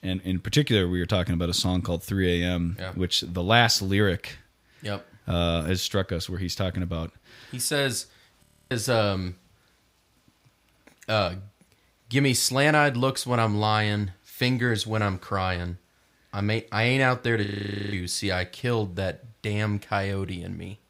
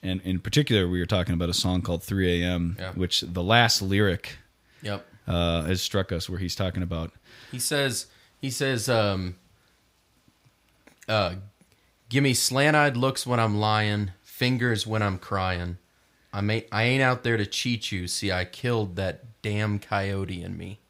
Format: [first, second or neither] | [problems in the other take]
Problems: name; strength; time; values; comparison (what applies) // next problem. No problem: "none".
second | audio freezing; at 8.5 s and at 17 s